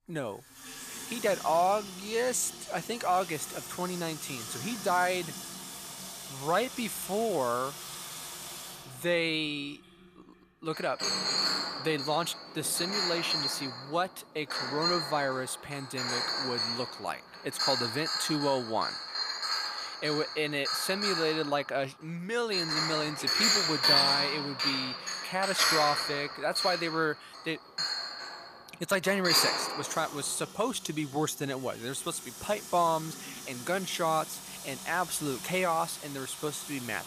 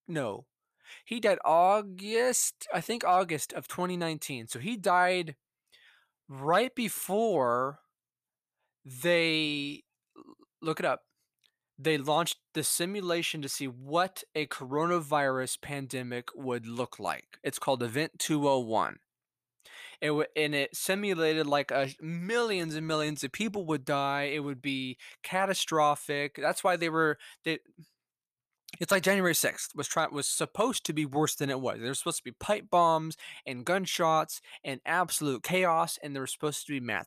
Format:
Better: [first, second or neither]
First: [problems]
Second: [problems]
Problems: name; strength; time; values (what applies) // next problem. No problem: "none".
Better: second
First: household noises; very loud; throughout; as loud as the speech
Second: none